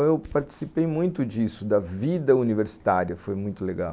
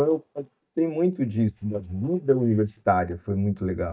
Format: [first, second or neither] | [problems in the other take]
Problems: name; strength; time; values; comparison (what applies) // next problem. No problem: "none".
first | noise reduction (neural mask model DeepFilterNet 3)